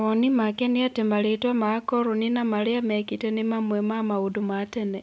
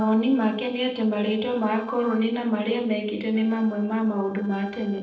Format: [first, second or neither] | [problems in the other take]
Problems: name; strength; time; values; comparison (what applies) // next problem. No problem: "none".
first | noise reduction (neural separator model SepFormer DNS4)